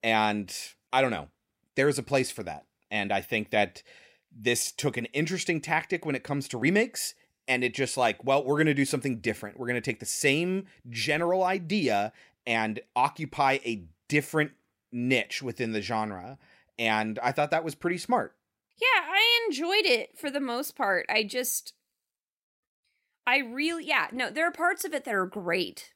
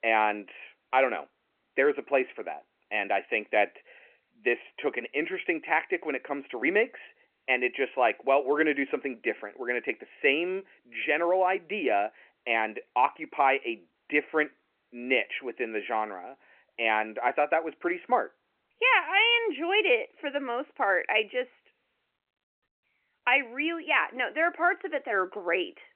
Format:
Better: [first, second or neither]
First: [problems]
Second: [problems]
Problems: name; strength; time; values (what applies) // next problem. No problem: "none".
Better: first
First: none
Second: phone-call audio; nothing above 3 kHz